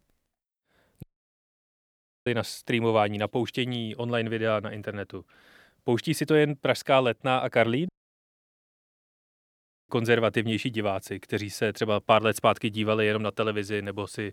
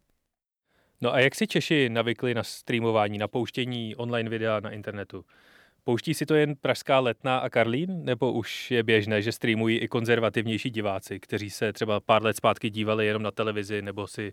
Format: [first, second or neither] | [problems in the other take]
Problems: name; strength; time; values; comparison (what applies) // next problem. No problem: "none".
second | audio cutting out; at 1 s for 1 s and at 8 s for 2 s